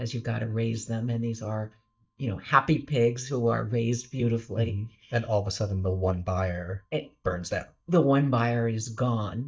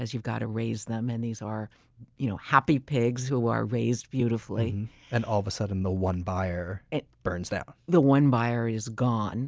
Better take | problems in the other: second | noise reduction (neural mask model DeepFilterNet 3)

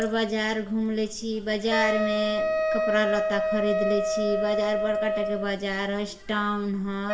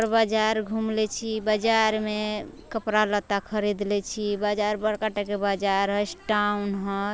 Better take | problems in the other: second | background sound (Wind instrument, woodwind instrument); as loud as the speech // room echo; dies away in 0.5 s

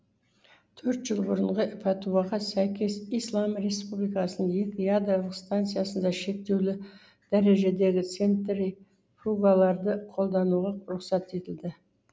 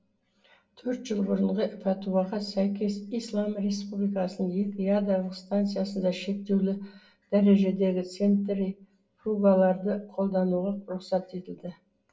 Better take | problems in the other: first | room echo; dies away in 0.1 s

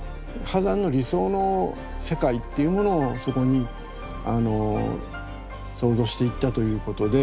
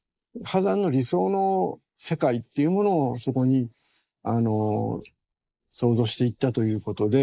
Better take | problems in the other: first | noise reduction (neural mask model Resemble Enhance denoiser)

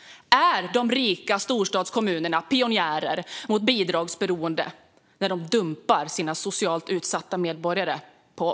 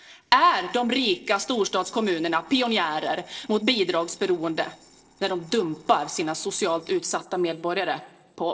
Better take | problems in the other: first | noise reduction (neural separator model SepFormer DNS4)

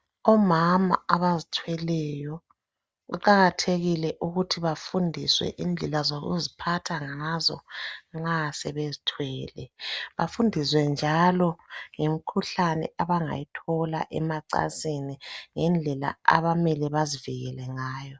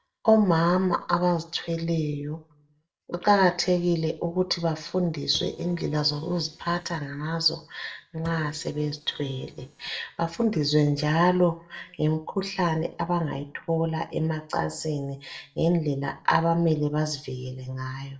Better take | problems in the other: first | noise reduction (neural separator model SepFormer DNS4)

